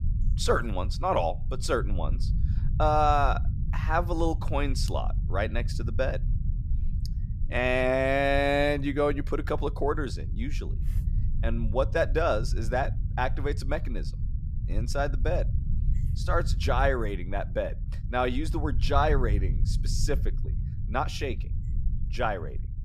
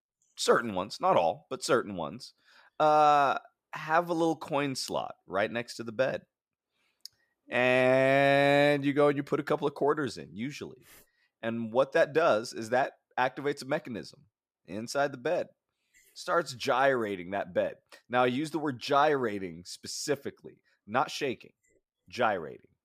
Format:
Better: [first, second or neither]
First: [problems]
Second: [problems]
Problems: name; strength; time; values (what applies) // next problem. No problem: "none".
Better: second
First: low rumble; noticeable; throughout; 20 dB below the speech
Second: none